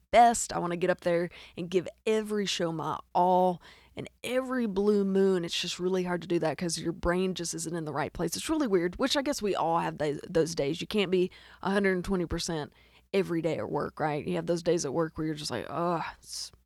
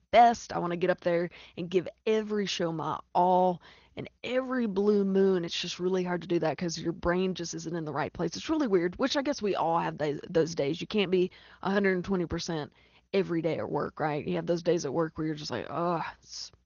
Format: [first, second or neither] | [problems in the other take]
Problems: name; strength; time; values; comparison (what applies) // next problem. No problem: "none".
first | garbled, watery; slightly; nothing above 6.5 kHz